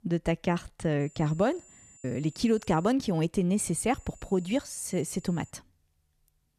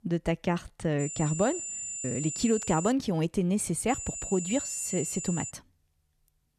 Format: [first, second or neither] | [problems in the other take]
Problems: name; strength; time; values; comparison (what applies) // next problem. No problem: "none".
first | high-pitched whine; loud; from 1 to 3 s and from 4 to 5.5 s; 7 kHz, 5 dB below the speech; faint in the first